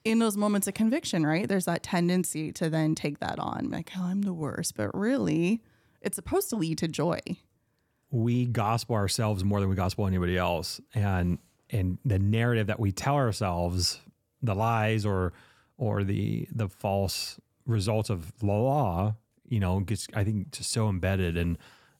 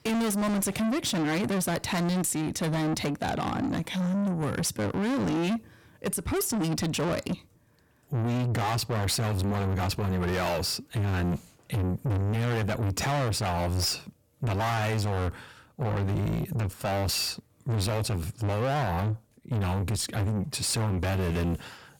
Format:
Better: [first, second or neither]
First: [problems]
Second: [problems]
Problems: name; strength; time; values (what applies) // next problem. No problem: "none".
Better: first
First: none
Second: distortion; heavy; 5 dB below the speech